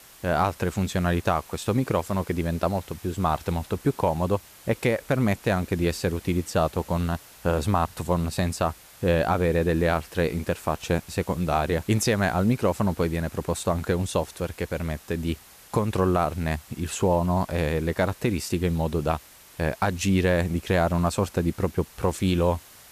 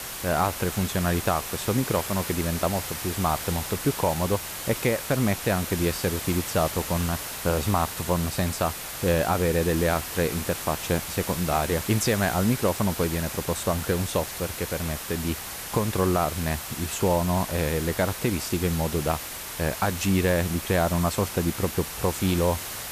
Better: first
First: hiss; faint; throughout; 20 dB below the speech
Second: hiss; loud; throughout; 6 dB below the speech

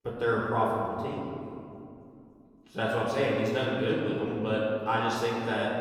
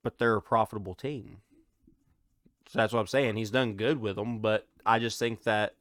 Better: second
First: room echo; noticeable; dies away in 2.3 s // off-mic speech; far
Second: none

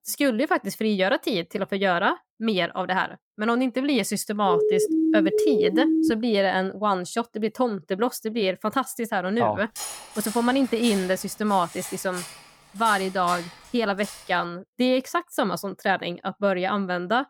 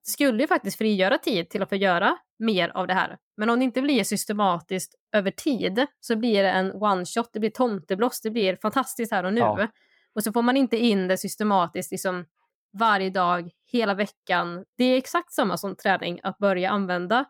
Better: second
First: siren; loud; from 4.5 to 6 s; peak 3 dB above the speech // clattering dishes; noticeable; from 10 to 14 s; peak 8 dB below the speech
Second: none

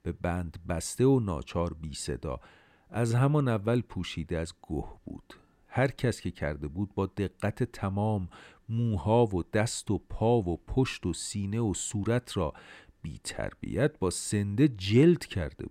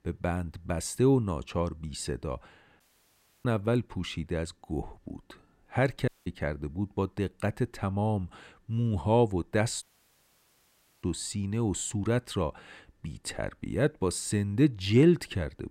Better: first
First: none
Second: audio cutting out; at 3 s for 0.5 s, at 6 s and at 10 s for 1 s

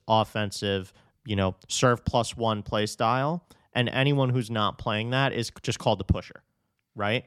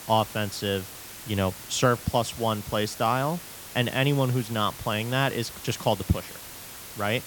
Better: first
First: none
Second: hiss; noticeable; throughout; 10 dB below the speech

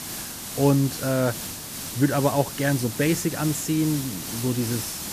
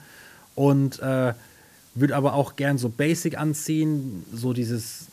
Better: second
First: hiss; loud; throughout; 7 dB below the speech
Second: hiss; faint; throughout; 25 dB below the speech

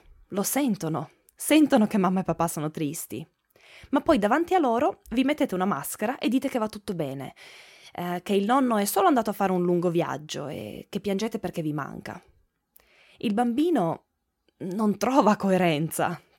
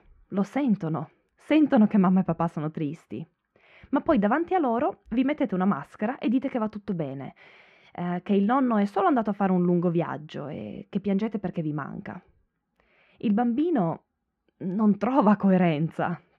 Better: first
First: none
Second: muffled; very; fading above 2 kHz

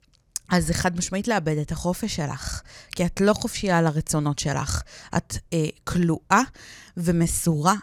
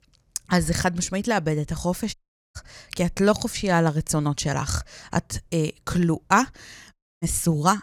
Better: first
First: none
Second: audio cutting out; at 2 s and at 7 s

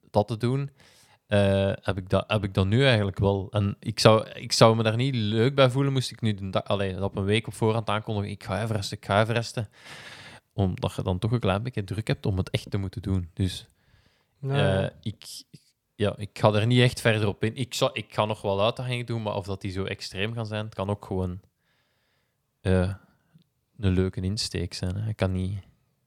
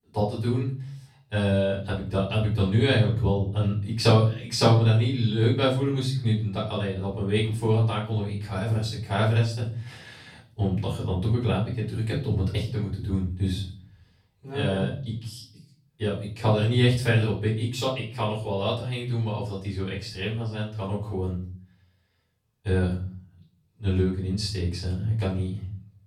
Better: first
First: none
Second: off-mic speech; far // room echo; slight; dies away in 0.5 s

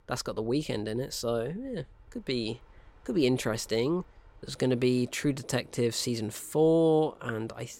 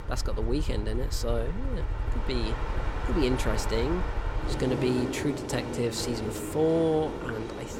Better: first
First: train or aircraft noise; faint; throughout; 30 dB below the speech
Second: train or aircraft noise; loud; throughout; 3 dB below the speech

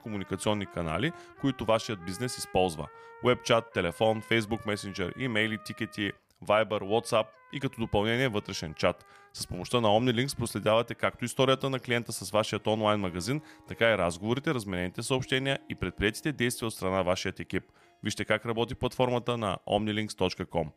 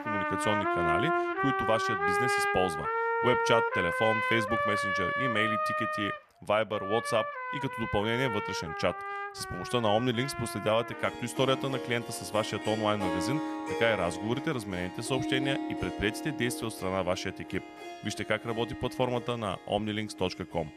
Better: first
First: background music; faint; throughout; 25 dB below the speech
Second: background music; loud; throughout; 1 dB below the speech

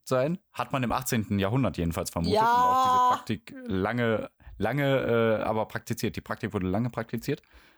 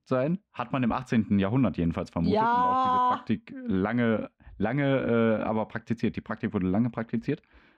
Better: first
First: none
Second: muffled; slightly; fading above 2.5 kHz

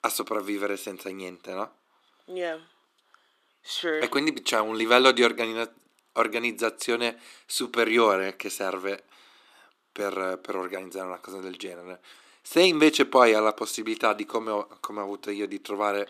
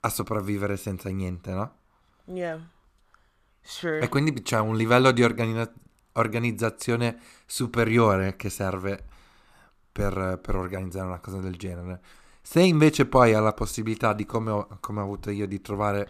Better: second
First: thin; somewhat; fading below 300 Hz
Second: none

